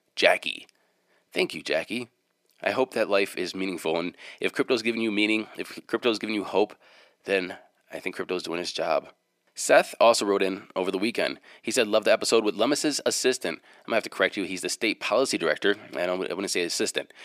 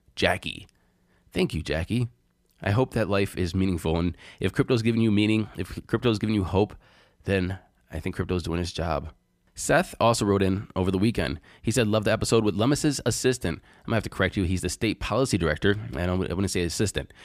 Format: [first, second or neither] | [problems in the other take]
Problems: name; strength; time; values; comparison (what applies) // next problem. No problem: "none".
second | thin; somewhat; fading below 300 Hz